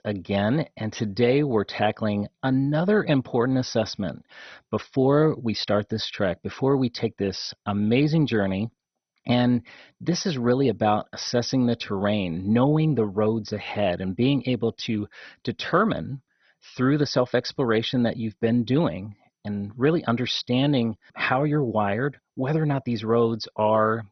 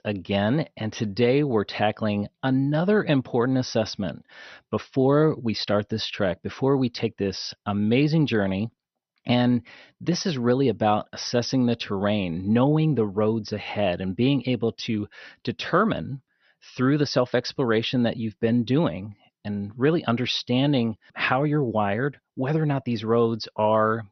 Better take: second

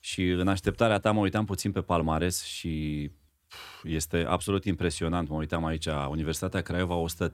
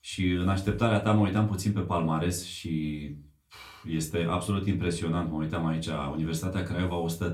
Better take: first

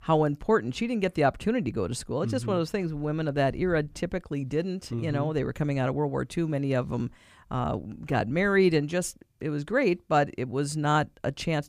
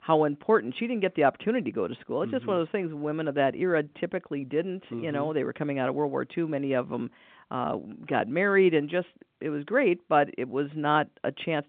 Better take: first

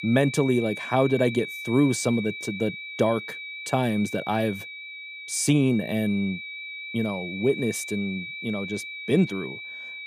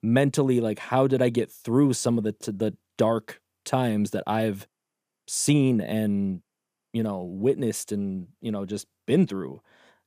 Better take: second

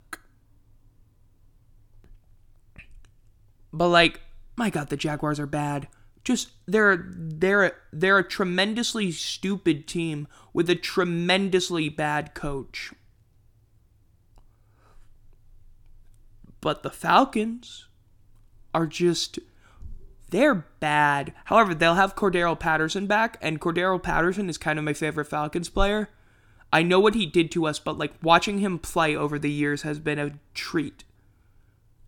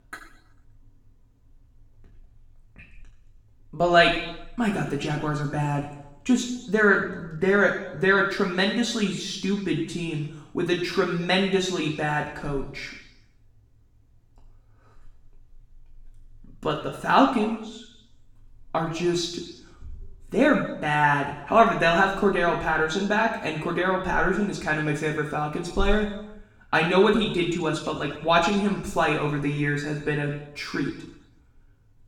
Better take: first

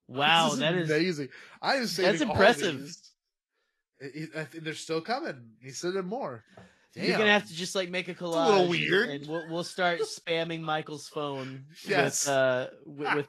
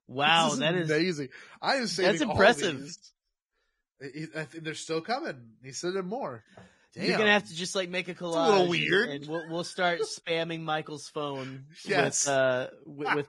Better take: first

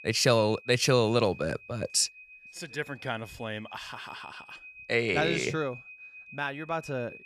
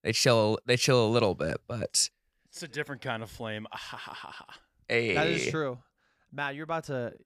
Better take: second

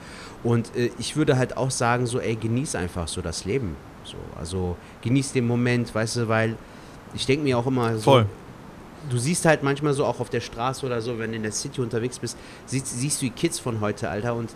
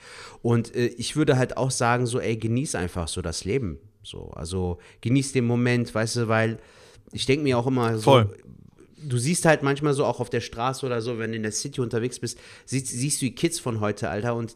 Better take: second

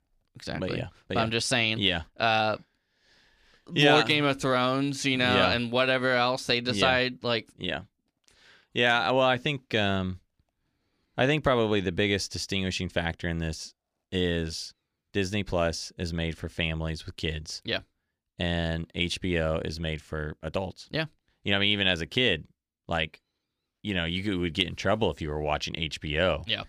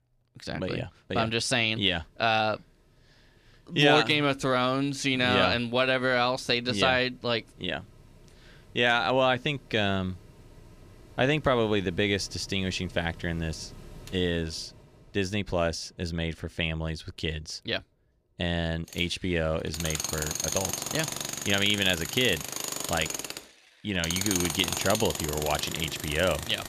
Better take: first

